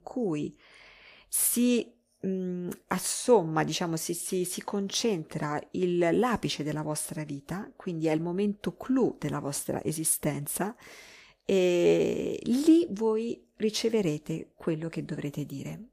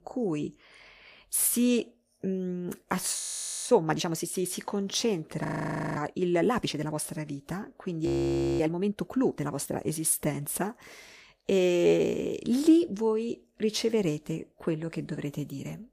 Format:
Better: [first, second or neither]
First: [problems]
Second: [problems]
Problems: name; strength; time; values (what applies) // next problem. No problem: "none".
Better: first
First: none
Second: audio freezing; at 3 s, at 5.5 s for 0.5 s and at 8 s for 0.5 s